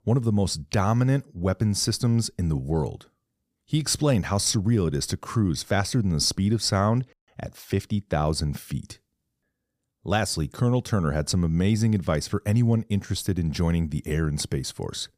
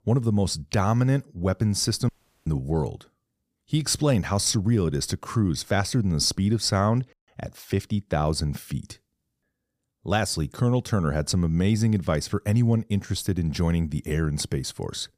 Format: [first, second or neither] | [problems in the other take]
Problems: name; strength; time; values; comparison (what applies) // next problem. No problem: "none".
first | audio cutting out; at 2 s